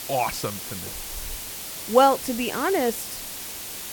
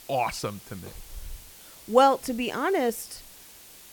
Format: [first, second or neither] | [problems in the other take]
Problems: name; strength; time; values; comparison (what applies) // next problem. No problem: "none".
second | hiss; loud; throughout; 9 dB below the speech; faint in the second